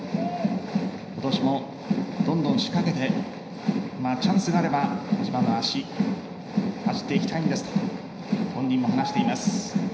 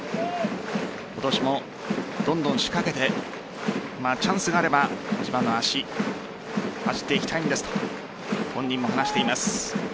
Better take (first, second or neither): second